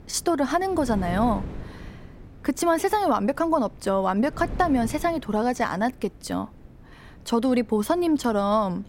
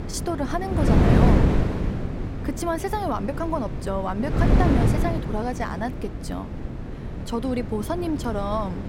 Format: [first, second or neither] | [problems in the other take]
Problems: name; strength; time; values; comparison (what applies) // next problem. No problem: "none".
first | wind noise on the microphone; heavy; 3 dB below the speech; occasional gusts in the first